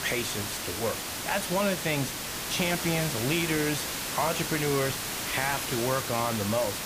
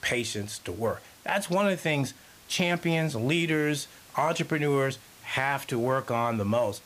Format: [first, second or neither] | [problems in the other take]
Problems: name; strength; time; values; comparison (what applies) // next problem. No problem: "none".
second | hiss; loud; throughout; 1 dB below the speech; faint in the second